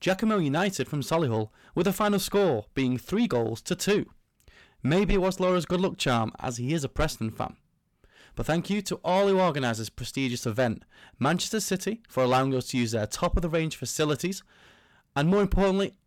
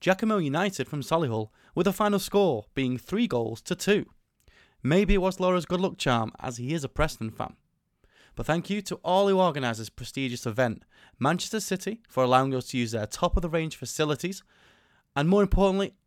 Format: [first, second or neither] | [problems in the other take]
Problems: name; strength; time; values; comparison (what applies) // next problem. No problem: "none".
second | distortion; slight; 10 dB below the speech